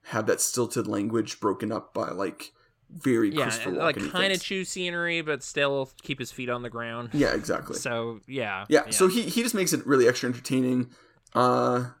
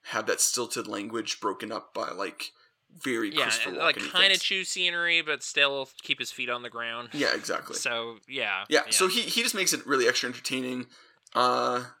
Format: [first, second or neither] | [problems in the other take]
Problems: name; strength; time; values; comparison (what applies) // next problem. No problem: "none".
first | thin; somewhat; fading below 550 Hz